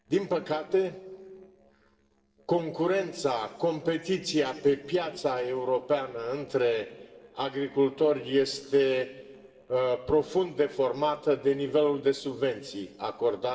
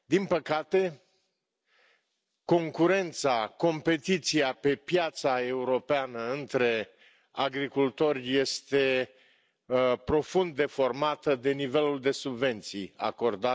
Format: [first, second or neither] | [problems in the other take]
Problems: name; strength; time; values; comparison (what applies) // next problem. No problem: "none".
second | noise reduction (neural separator model SepFormer DNS4)